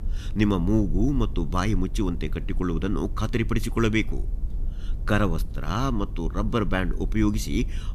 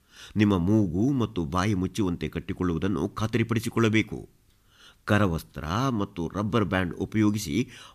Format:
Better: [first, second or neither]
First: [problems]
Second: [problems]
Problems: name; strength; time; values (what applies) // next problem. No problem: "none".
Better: second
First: low rumble; faint; throughout; 20 dB below the speech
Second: none